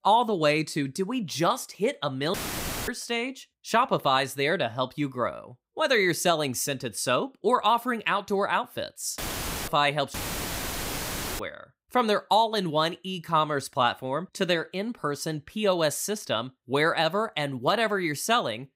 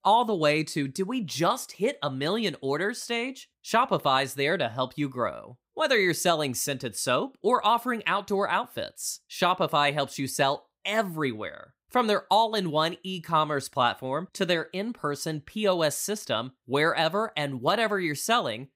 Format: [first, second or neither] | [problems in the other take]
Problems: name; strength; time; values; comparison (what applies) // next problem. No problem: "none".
second | audio cutting out; filled with static; at 2.5 s for 0.5 s, at 9 s for 0.5 s and at 10 s for 1.5 s